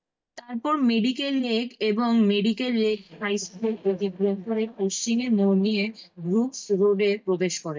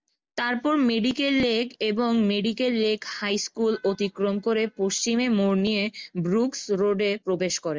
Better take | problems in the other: second | noise reduction (neural mask model DeepFilterNet 3)

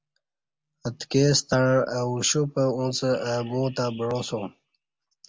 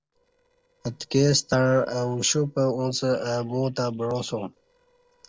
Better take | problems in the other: first | noise reduction (neural separator model SepFormer DNS4)

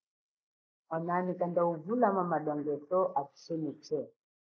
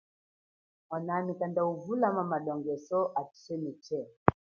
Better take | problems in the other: second | noise reduction (neural mask model Resemble Enhance denoiser)

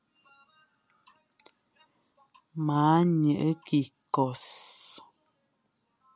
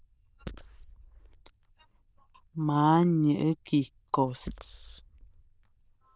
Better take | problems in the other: first | noise reduction (neural diffusion model UNIVERSE++)

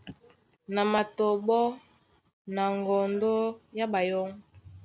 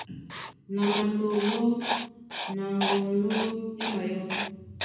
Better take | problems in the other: first | background sound (Writing); 6 dB below the speech // room echo; dies away in 1.2 s

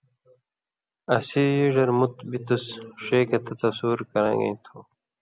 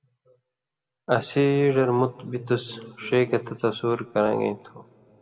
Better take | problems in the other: first | room echo; dies away in 1.4 s

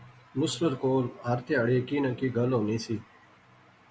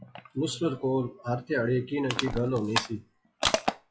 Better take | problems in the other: first | noise reduction (classical method log-MMSE)

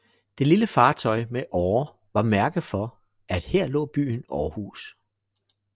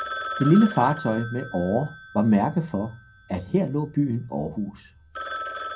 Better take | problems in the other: first | background sound (Telephone); 12 dB below the speech // room echo; dies away in 0.3 s

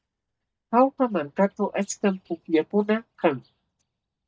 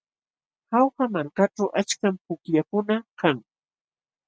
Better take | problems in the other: second | noise reduction (neural mask model DeepFilterNet 3)

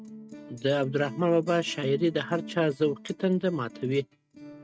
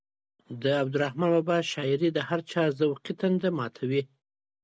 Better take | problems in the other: second | noise reduction (neural mask model RNNoise)

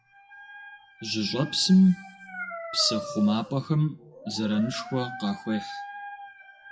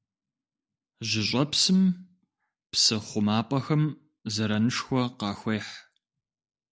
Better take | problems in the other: second | noise reduction (classical method WPE with log-MMSE)

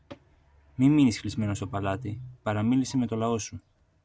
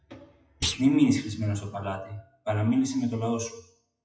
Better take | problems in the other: first | noise reduction (classical method WPE with log-MMSE)

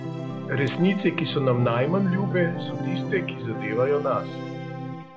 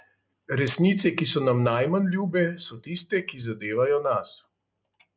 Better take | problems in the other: second | background sound (Organ); 5 dB below the speech

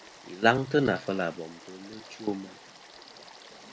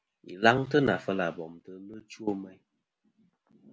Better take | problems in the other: second | background sound (Stream / Frog); 19 dB below the speech

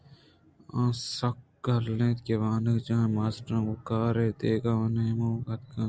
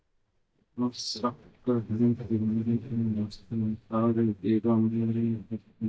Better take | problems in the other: first | noise reduction (neural mask model DeepFilterNet 3)

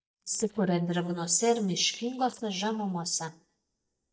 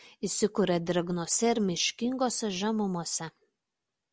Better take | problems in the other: second | noise reduction (neural mask model DeepFilterNet 3)

